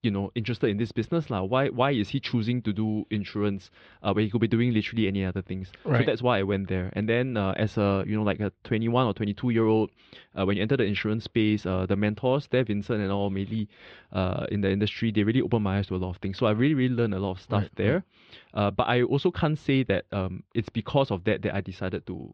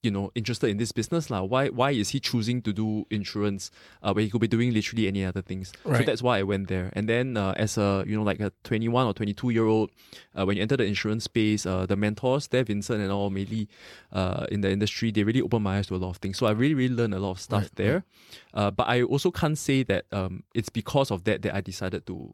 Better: second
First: muffled; slightly; fading above 3.5 kHz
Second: none

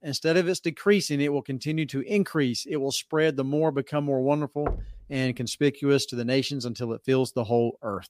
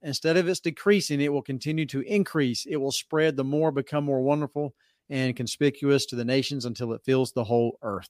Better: second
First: door banging; noticeable; at 4.5 s; peak 8 dB below the speech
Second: none

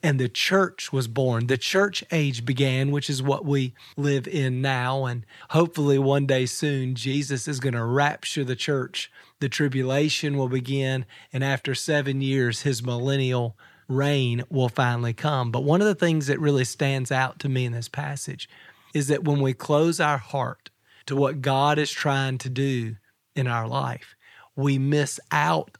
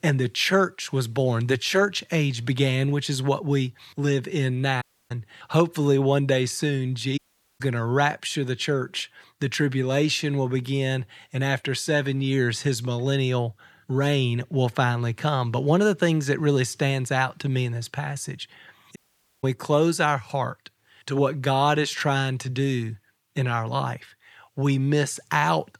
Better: first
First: none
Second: audio cutting out; at 5 s, at 7 s and at 19 s

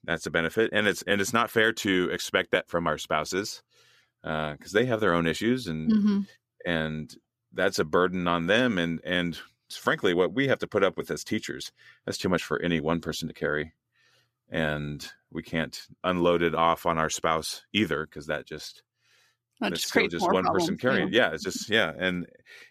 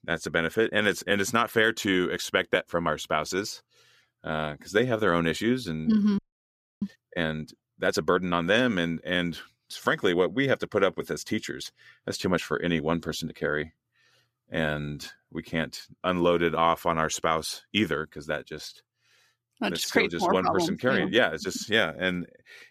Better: first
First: none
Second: audio freezing; at 6 s for 0.5 s

